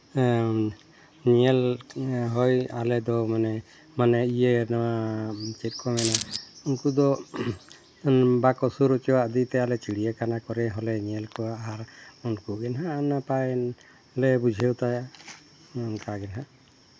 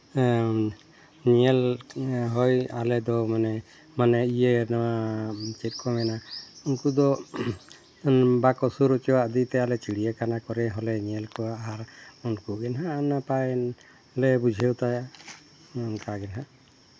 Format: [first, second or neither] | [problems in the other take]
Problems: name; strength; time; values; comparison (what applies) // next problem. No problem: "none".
second | background sound (Coin (dropping)); 3 dB below the speech